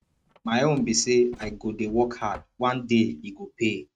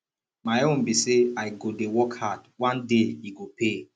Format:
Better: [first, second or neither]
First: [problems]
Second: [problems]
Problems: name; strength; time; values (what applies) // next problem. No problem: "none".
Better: second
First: noise reduction (neural mask model RNNoise)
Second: none